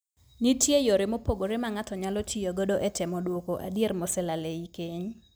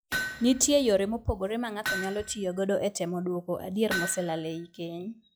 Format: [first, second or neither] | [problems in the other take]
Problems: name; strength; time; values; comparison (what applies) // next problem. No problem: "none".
first | noise reduction (classical method log-MMSE)